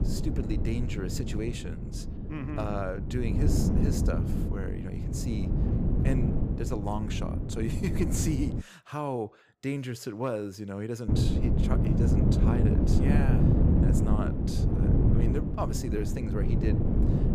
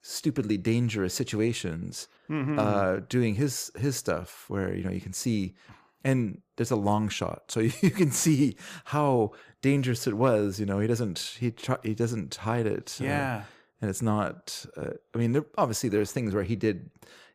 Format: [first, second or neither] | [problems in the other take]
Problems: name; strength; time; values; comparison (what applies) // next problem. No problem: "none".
second | wind noise on the microphone; heavy; until 8.5 s and from 11 s on; 1 dB above the speech